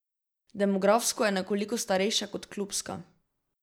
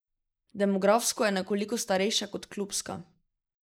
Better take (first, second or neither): first